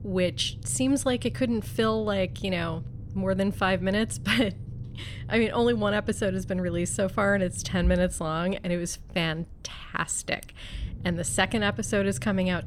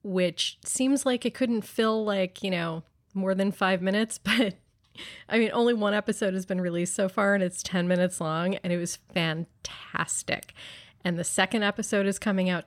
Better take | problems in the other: second | low rumble; faint; throughout; 25 dB below the speech

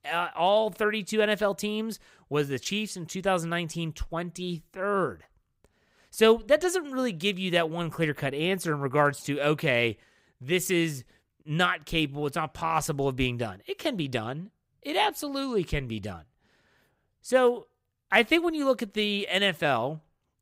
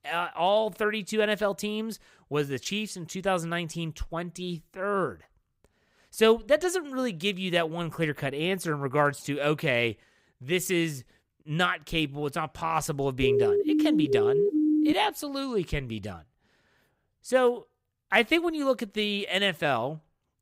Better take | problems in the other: first | siren; loud; from 13 to 15 s; peak 4 dB above the speech

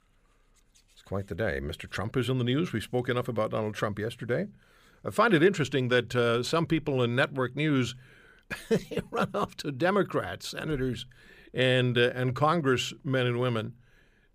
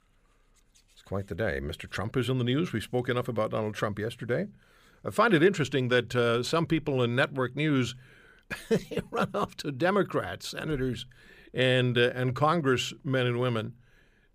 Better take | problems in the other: neither | none

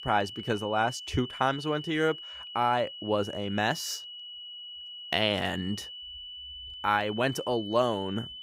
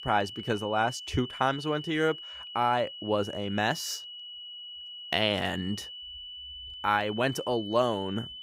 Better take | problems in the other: neither | high-pitched whine; noticeable; throughout; 3 kHz, 10 dB below the speech; the same in both

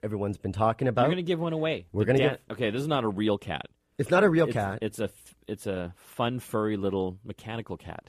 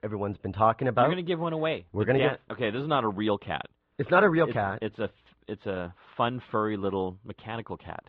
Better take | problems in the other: first | muffled; very slightly; fading above 4 kHz

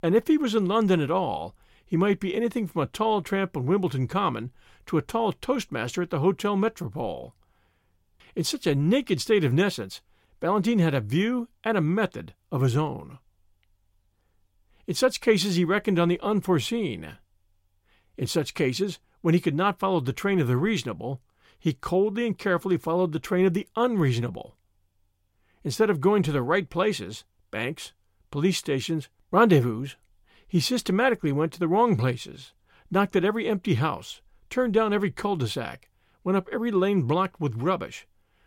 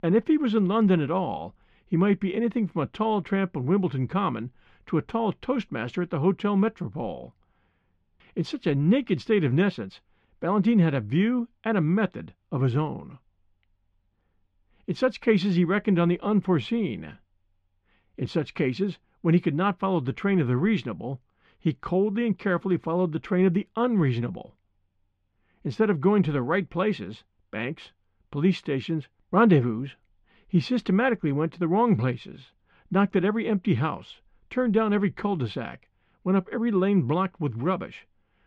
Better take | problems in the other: first | muffled; slightly; fading above 2.5 kHz

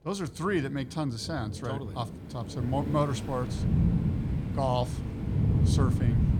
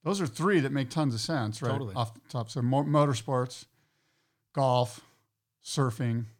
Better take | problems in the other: second | rain or running water; very loud; throughout; 3 dB above the speech

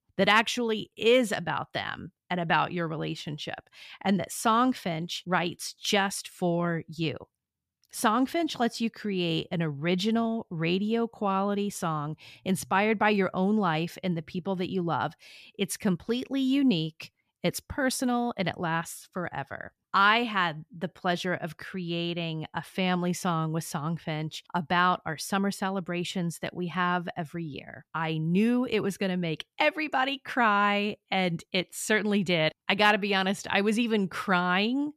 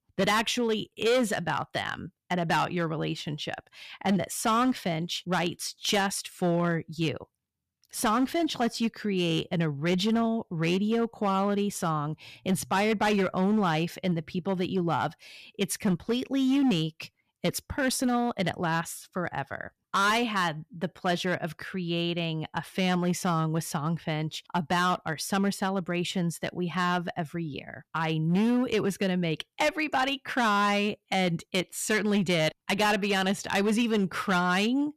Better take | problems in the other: first | distortion; slight; 7% of the sound clipped

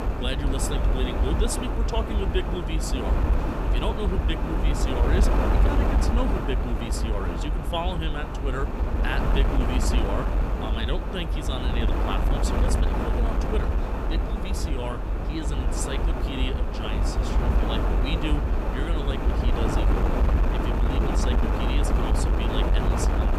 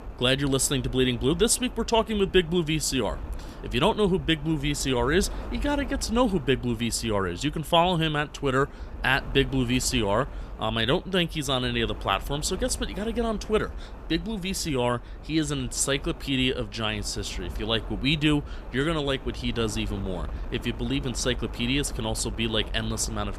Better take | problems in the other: second | wind noise on the microphone; heavy; 2 dB above the speech; occasional gusts in the second

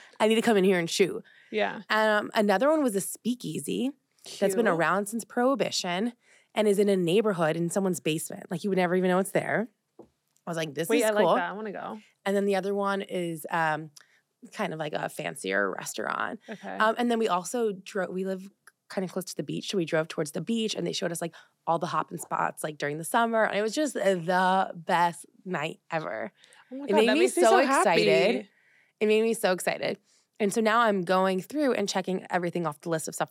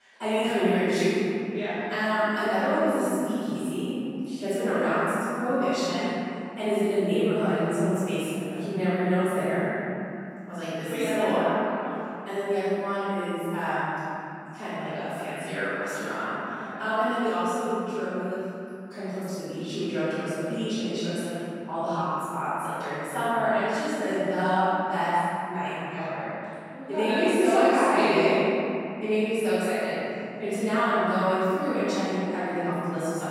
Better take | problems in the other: first | off-mic speech; far // room echo; strong; dies away in 2.8 s

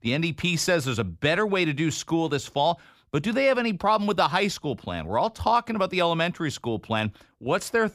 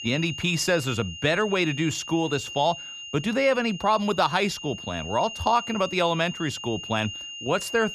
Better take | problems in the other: first | high-pitched whine; noticeable; throughout; 3 kHz, 10 dB below the speech

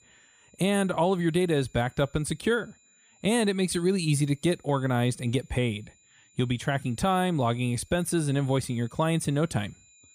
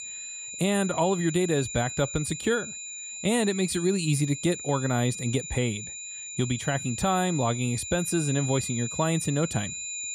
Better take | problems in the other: first | high-pitched whine; loud; throughout; 7 kHz, 7 dB below the speech; faint in the first

